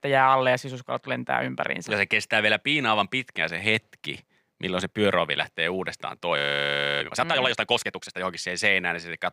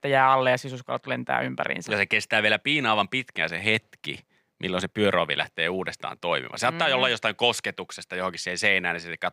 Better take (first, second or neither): second